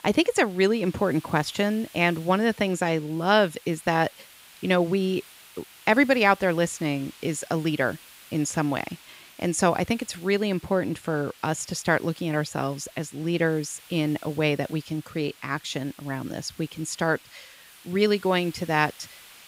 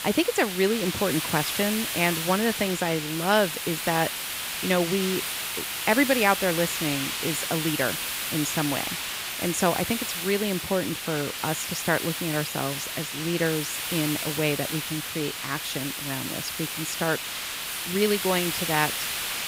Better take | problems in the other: first | hiss; loud; throughout; 2 dB below the speech; faint in the first

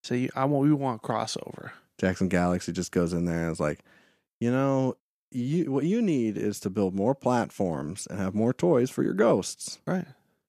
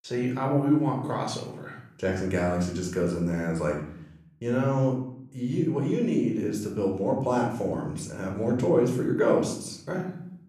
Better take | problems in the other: first | room echo; noticeable; dies away in 0.6 s // off-mic speech; somewhat distant

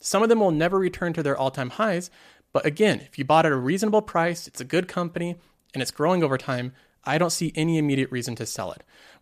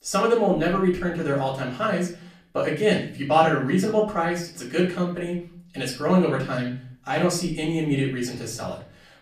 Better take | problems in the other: first | off-mic speech; far // room echo; slight; dies away in 0.5 s

